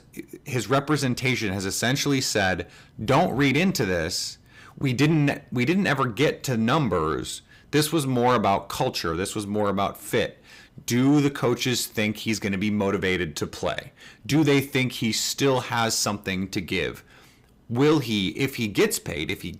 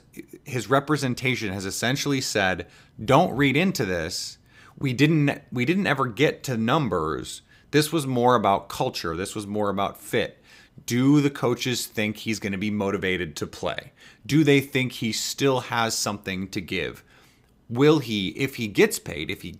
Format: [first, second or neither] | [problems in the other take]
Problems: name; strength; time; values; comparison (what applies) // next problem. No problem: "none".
second | distortion; slight; 10 dB below the speech